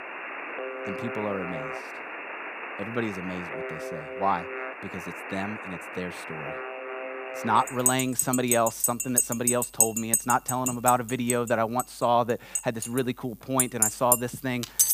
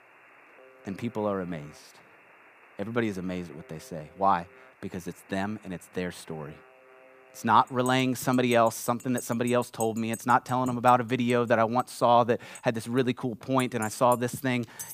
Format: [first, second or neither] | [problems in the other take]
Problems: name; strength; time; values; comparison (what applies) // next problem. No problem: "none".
second | alarms or sirens; loud; throughout; 1 dB below the speech; faint in the second